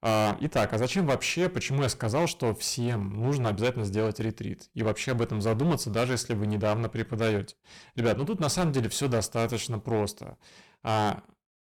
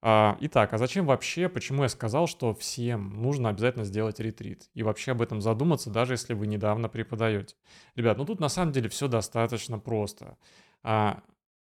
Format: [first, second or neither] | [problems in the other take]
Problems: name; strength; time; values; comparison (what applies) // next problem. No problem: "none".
second | distortion; heavy; 10% of the sound clipped